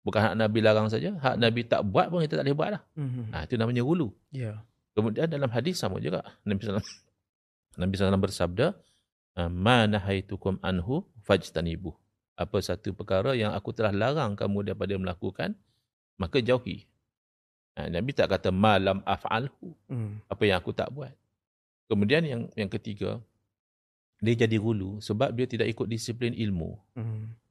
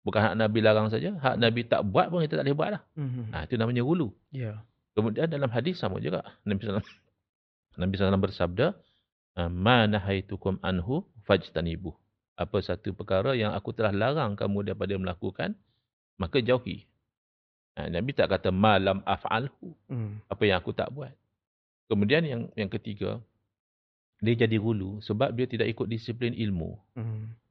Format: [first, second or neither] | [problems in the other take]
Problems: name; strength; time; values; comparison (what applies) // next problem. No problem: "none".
first | muffled; very slightly; fading above 4 kHz